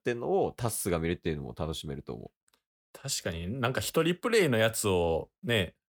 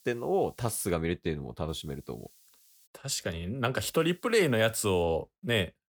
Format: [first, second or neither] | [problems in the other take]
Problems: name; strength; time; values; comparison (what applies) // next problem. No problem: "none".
first | hiss; faint; at the start, from 1.5 to 3 s and from 4 to 5 s; 30 dB below the speech